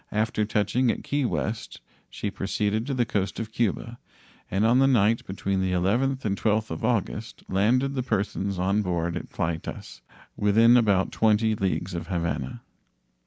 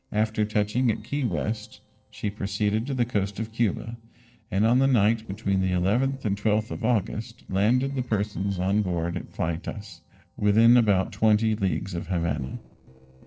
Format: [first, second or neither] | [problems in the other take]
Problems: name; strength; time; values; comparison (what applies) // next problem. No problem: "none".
first | noise reduction (neural separator model SepFormer DNS4)